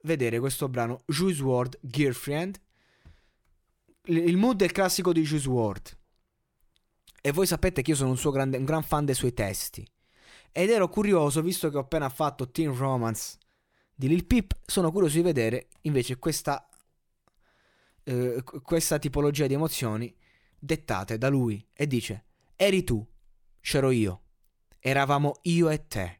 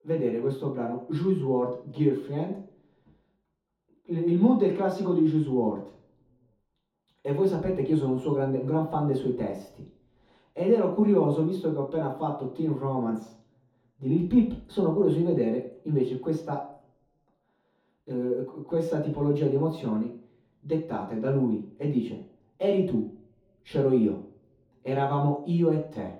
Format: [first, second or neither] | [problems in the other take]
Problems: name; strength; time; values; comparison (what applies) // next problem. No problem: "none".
first | room echo; noticeable; dies away in 0.5 s // off-mic speech; far